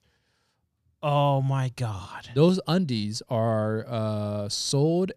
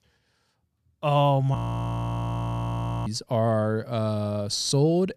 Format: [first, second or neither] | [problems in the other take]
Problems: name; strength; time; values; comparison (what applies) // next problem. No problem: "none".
first | audio freezing; at 1.5 s for 1.5 s